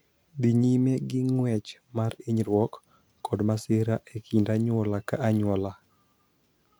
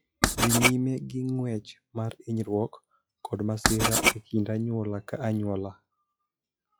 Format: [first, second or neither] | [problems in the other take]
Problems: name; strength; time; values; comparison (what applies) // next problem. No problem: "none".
first | noise reduction (classical method log-MMSE)